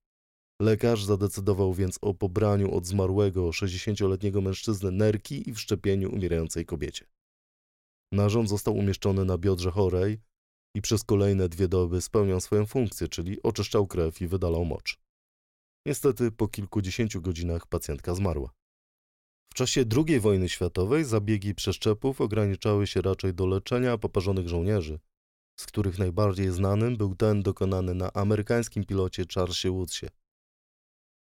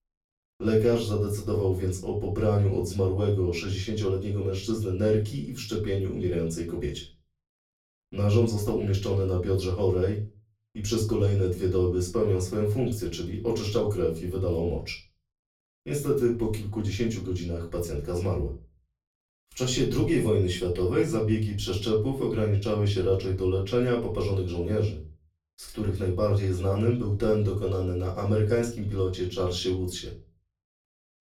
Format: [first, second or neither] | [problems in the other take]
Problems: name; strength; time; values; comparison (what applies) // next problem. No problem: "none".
first | room echo; slight; dies away in 0.3 s // off-mic speech; far